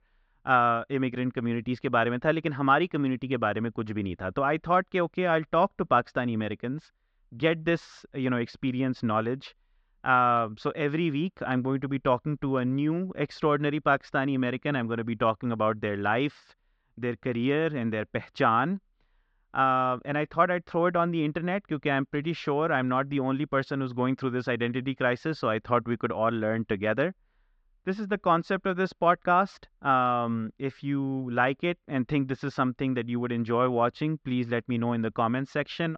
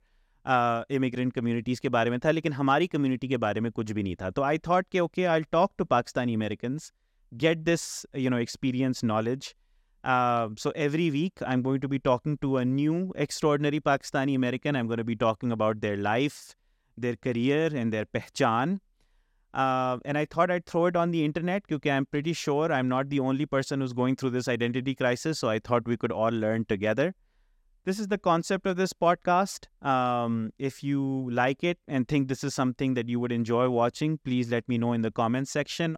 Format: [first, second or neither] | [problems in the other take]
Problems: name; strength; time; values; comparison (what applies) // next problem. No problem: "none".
second | muffled; slightly; fading above 4 kHz